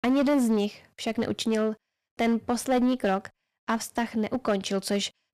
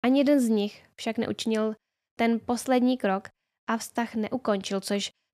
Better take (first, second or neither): second